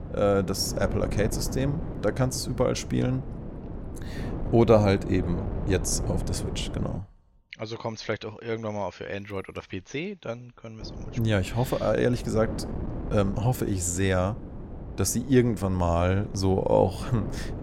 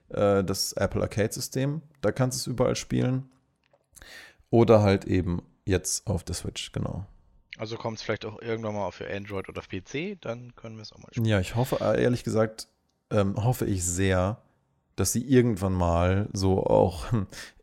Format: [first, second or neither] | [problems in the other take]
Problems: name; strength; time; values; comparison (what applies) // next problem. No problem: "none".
second | wind noise on the microphone; occasional gusts; until 7 s and from 11 s on; 15 dB below the speech